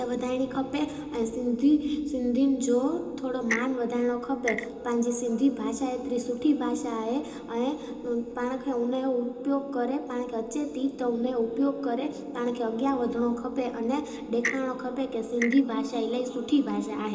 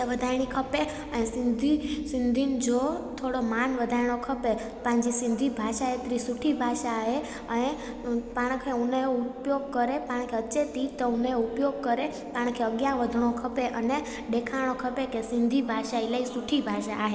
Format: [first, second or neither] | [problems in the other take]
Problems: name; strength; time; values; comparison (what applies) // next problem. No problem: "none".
second | background sound (Clock); 10 dB below the speech // room echo; dies away in 0.2 s